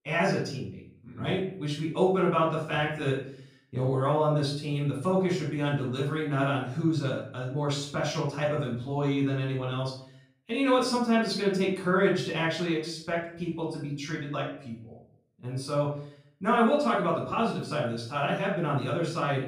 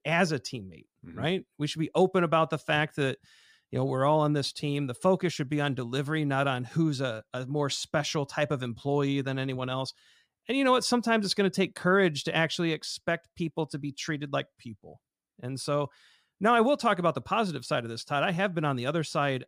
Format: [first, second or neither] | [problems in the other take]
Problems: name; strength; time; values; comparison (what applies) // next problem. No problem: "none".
second | room echo; noticeable; dies away in 0.5 s // off-mic speech; far